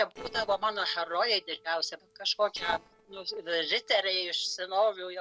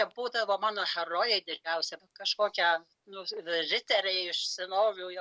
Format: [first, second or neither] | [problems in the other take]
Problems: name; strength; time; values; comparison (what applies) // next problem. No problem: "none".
second | noise reduction (neural separator model SepFormer DNS4)